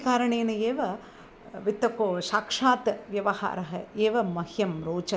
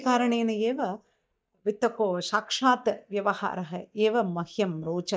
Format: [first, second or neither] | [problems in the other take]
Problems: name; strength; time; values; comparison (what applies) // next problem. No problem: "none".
first | noise reduction (neural mask model DeepFilterNet 3)